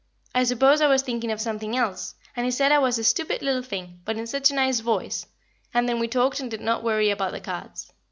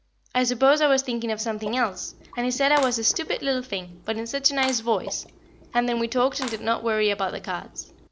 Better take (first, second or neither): first